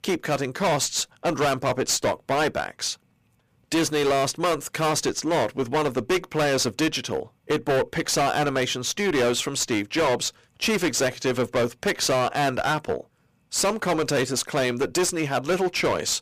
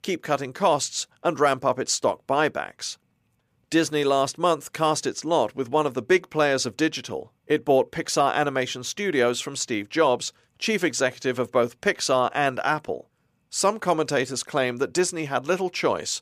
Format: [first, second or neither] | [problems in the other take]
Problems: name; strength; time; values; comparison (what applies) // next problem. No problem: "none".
second | distortion; heavy; 18% of the sound clipped